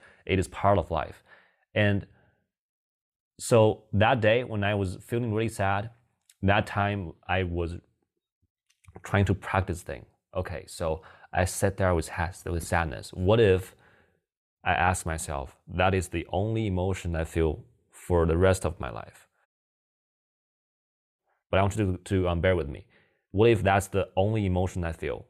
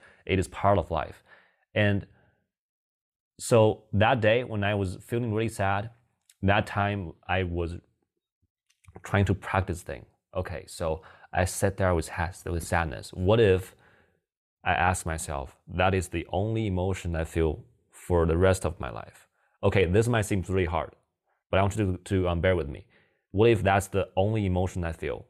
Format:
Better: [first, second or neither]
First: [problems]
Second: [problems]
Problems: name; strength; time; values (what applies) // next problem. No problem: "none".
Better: second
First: audio cutting out; at 19 s for 1.5 s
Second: none